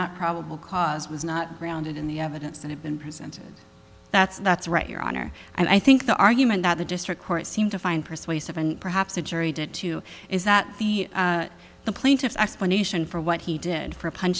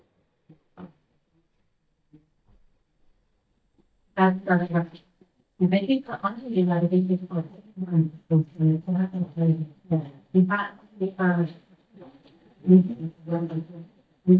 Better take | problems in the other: first | noise reduction (neural mask model DeepFilterNet 3)

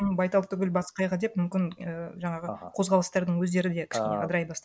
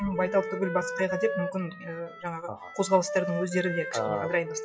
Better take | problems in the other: first | noise reduction (classical method WPE with log-MMSE)

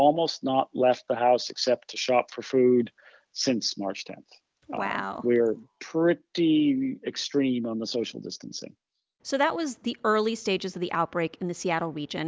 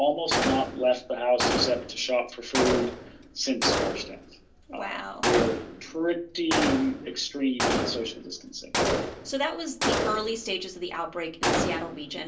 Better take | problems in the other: first | background sound (Gunshot, gunfire); 1 dB below the speech // room echo; dies away in 0.3 s

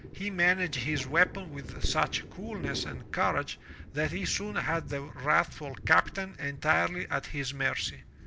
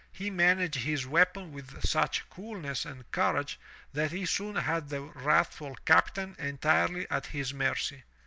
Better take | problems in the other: second | background sound (Thunder); 13 dB below the speech

